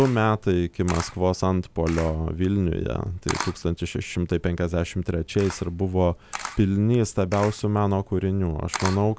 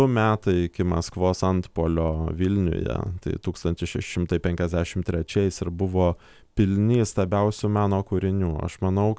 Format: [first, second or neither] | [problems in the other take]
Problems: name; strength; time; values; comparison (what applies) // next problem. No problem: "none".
second | background sound (Camera); 15 dB below the speech